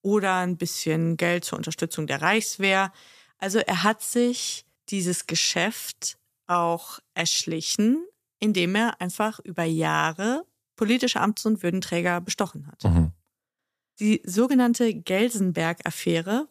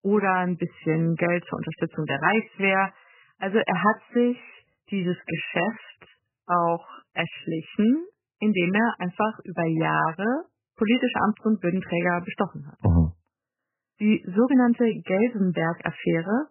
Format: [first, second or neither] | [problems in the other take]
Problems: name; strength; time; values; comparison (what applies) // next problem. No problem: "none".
first | garbled, watery; badly; nothing above 3 kHz